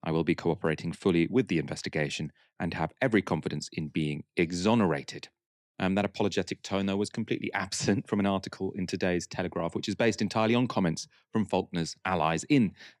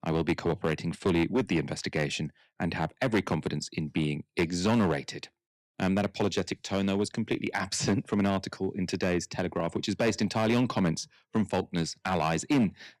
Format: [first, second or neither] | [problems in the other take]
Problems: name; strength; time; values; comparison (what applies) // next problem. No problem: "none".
first | distortion; slight; 5% of the sound clipped